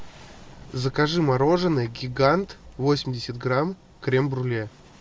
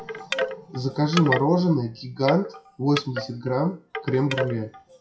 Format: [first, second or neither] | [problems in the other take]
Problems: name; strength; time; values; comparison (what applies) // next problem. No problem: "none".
first | noise reduction (classical method WPE with log-MMSE)